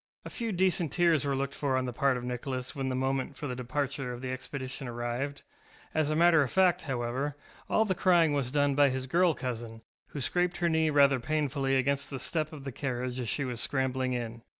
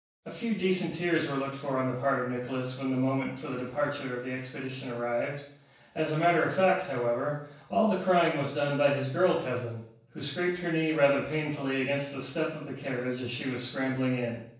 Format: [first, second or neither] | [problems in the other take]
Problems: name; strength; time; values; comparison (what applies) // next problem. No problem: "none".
first | room echo; dies away in 0.7 s